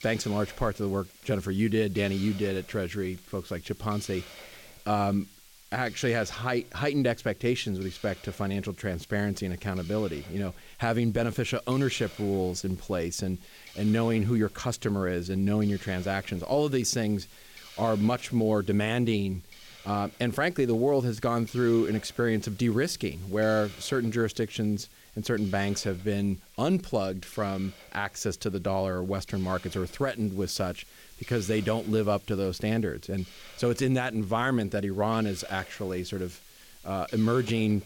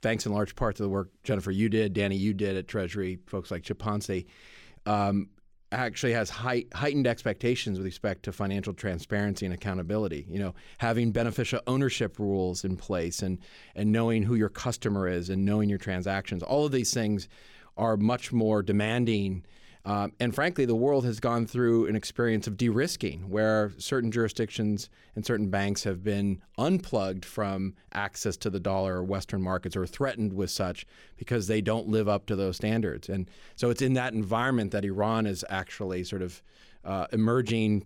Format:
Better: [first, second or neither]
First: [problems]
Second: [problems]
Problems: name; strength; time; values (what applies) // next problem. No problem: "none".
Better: second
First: hiss; faint; throughout; 20 dB below the speech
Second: none